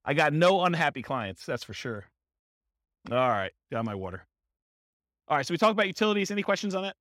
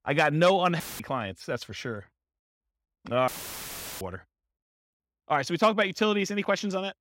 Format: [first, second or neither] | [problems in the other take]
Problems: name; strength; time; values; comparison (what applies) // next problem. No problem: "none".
first | audio cutting out; filled with static; at 1 s and at 3.5 s for 0.5 s